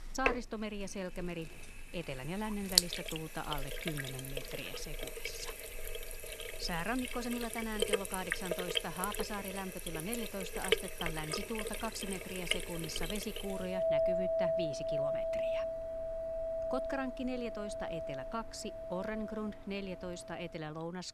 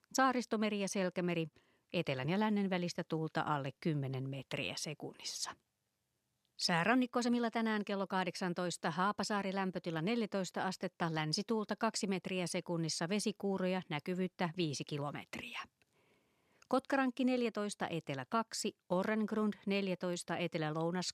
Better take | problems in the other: second | household noises; very loud; throughout; 4 dB above the speech

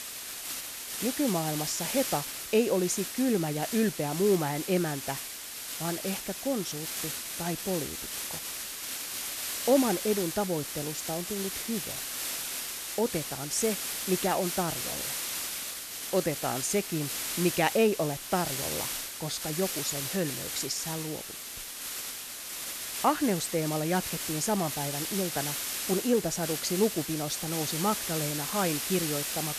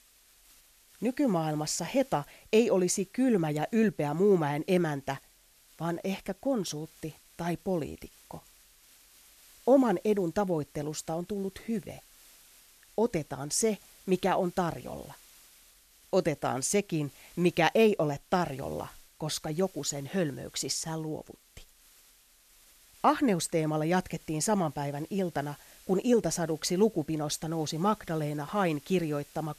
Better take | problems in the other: second | hiss; loud; throughout; 3 dB below the speech; faint in the second

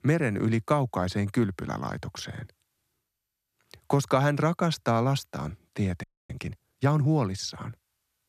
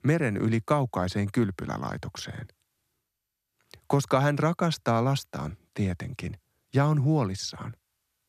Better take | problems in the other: second | audio freezing; at 6 s

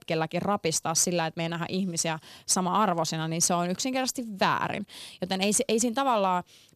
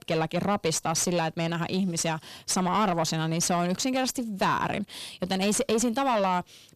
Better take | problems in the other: first | distortion; slight; 10 dB below the speech

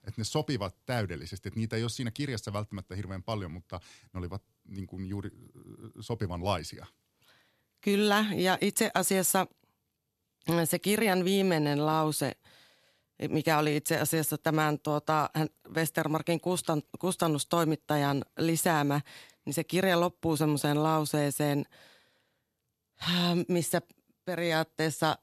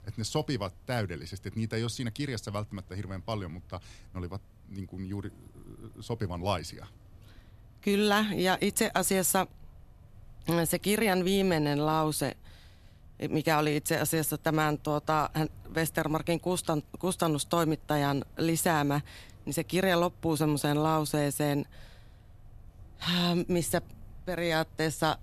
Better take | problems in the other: first | animal sounds; faint; throughout; 25 dB below the speech

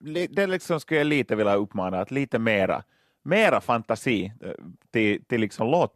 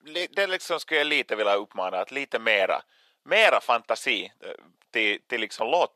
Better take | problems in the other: first | thin; very; fading below 650 Hz

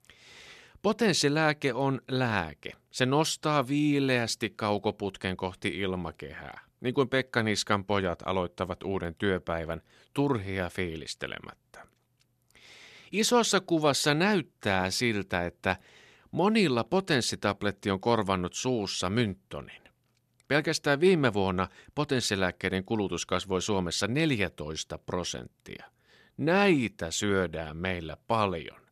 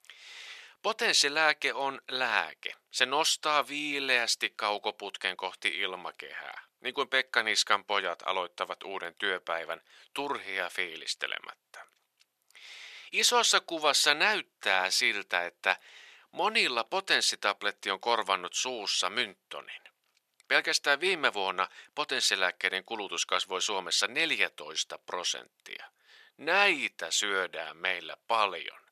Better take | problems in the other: first | thin; very; fading below 700 Hz

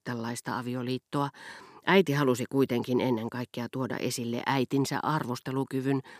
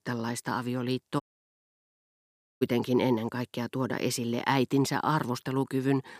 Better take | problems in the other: first | audio cutting out; at 1 s for 1.5 s

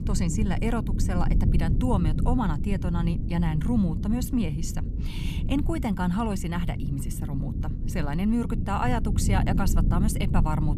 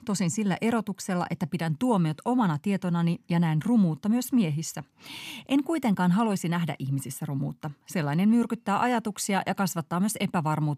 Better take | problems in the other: second | low rumble; loud; throughout; 8 dB below the speech

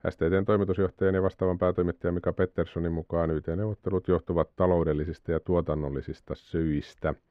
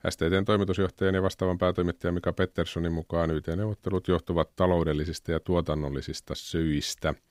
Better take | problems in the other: second | muffled; very; fading above 3.5 kHz

